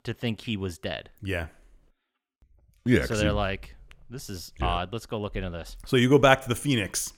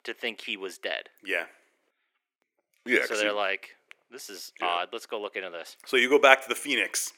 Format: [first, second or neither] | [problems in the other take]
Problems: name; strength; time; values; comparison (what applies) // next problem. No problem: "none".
first | thin; somewhat; fading below 350 Hz